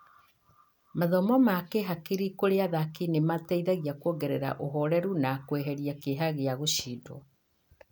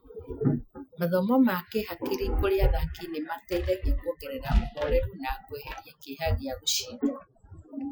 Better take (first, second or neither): first